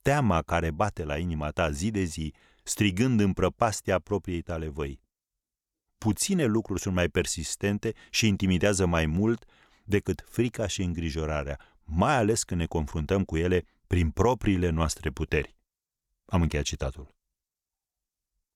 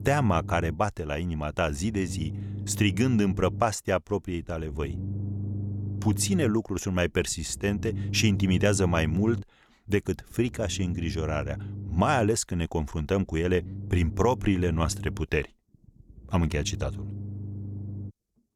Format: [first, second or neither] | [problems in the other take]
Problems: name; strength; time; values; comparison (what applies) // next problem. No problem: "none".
first | low rumble; noticeable; throughout; 15 dB below the speech